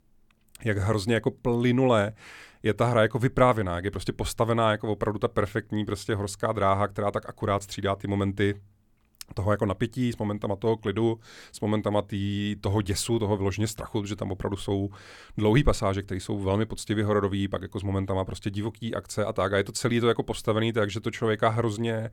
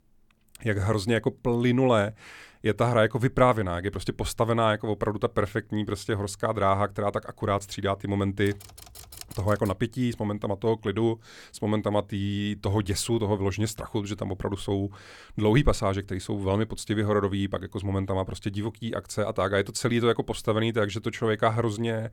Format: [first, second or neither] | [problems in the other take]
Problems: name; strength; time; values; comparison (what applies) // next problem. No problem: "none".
first | keyboard typing; faint; from 8.5 to 10 s; peak 15 dB below the speech